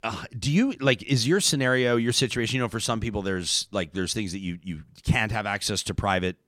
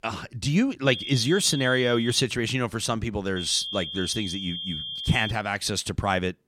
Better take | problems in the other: first | high-pitched whine; loud; from 1 to 2 s and from 3.5 to 5.5 s; 3.5 kHz, 7 dB below the speech

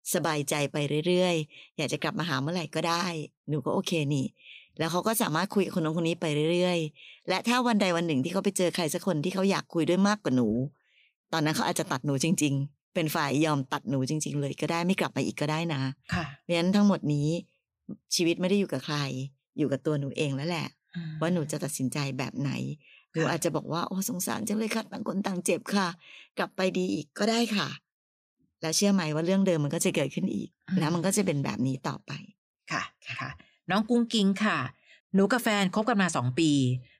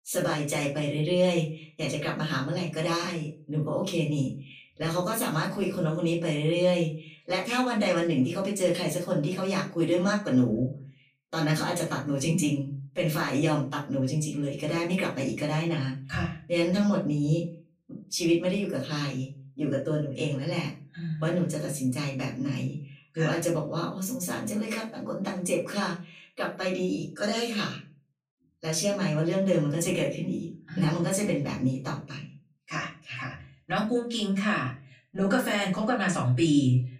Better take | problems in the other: first | off-mic speech; far // room echo; slight; dies away in 0.3 s

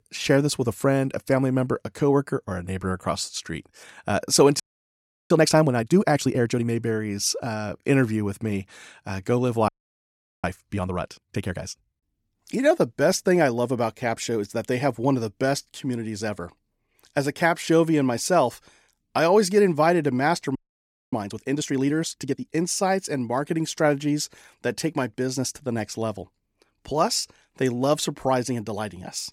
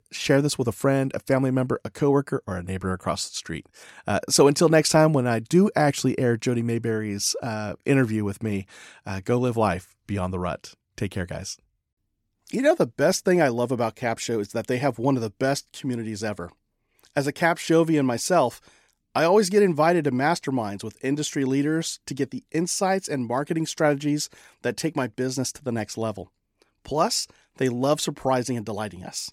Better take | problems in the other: second | audio freezing; at 4.5 s for 0.5 s, at 9.5 s for 1 s and at 21 s for 0.5 s

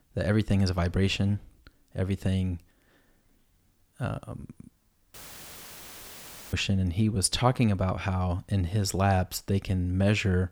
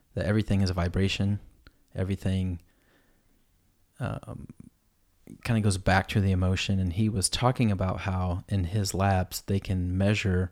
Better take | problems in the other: second | audio cutting out; filled with static; at 5 s for 1.5 s

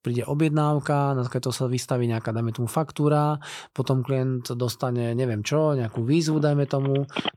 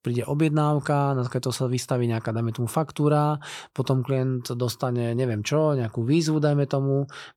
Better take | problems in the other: second | phone ringing; noticeable; from 6 s on; peak 5 dB below the speech

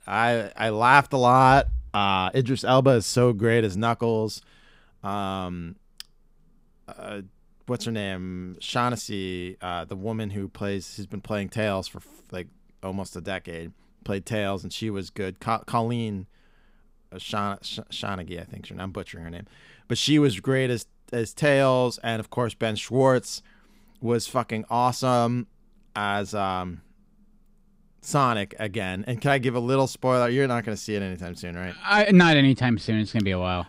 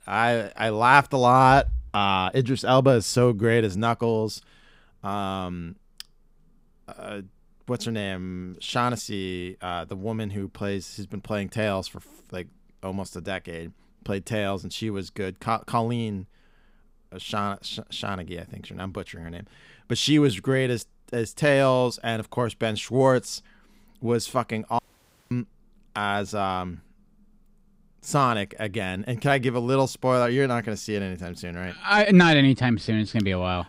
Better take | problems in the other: first | audio cutting out; at 25 s for 0.5 s

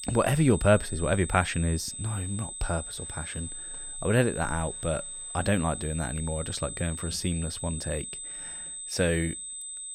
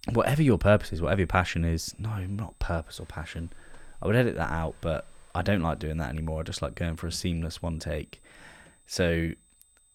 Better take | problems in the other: second | high-pitched whine; loud; throughout; 8 kHz, 7 dB below the speech; faint in the second

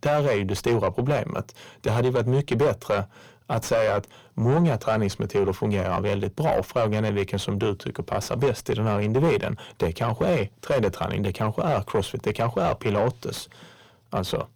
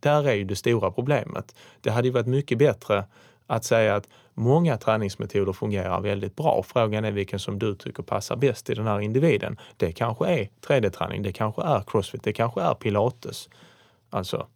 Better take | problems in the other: second | distortion; heavy; 7 dB below the speech

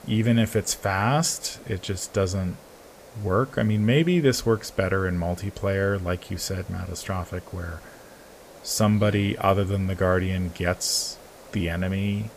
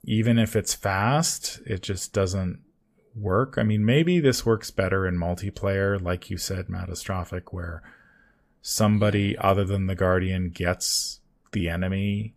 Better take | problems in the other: second | hiss; faint; throughout; 20 dB below the speech

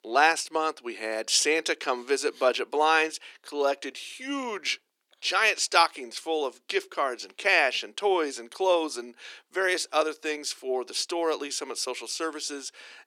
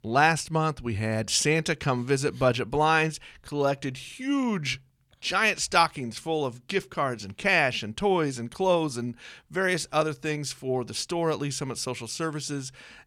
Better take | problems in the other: second | thin; somewhat; fading below 300 Hz

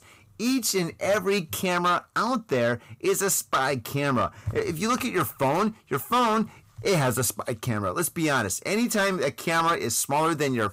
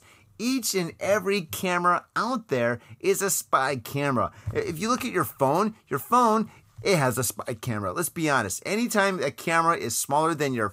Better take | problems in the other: second | distortion; slight; 8% of the sound clipped

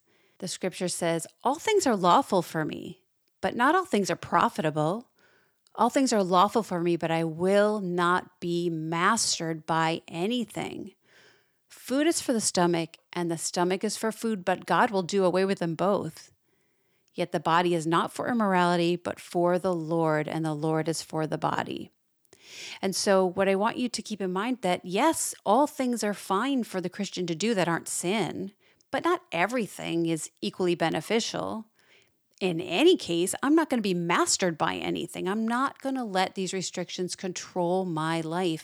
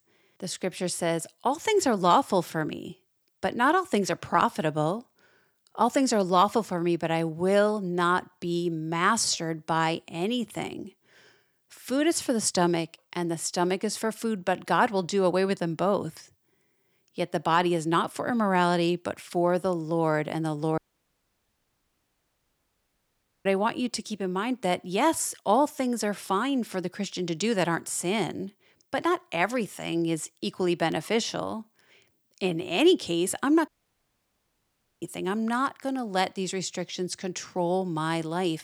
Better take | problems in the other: first | audio cutting out; at 21 s for 2.5 s and at 34 s for 1.5 s

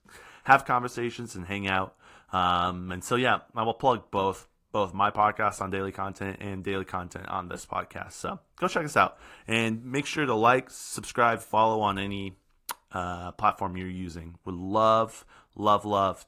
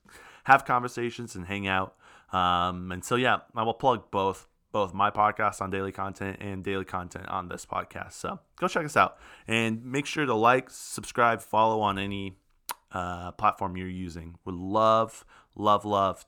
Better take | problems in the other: second | garbled, watery; slightly; nothing above 14.5 kHz

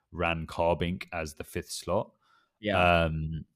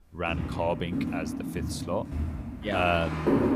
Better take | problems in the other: first | footsteps; loud; peak 6 dB above the speech

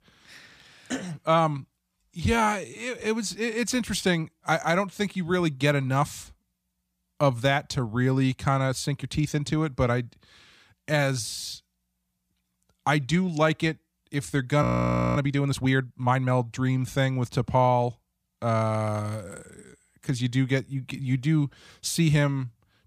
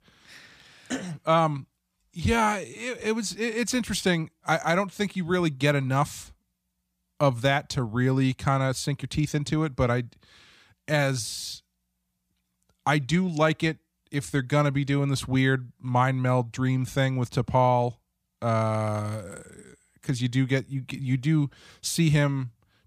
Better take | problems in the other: second | audio freezing; at 15 s for 0.5 s

